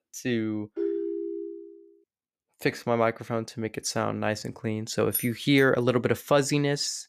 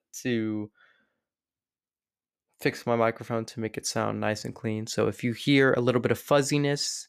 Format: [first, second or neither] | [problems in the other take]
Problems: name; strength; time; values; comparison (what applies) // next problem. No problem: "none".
second | phone ringing; noticeable; at 1 s; peak 3 dB below the speech // jangling keys; noticeable; at 5 s; peak 4 dB below the speech